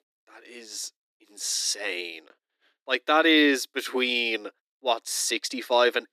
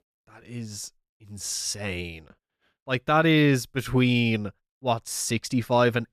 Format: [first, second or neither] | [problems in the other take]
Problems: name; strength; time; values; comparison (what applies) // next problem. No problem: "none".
second | thin; somewhat; fading below 300 Hz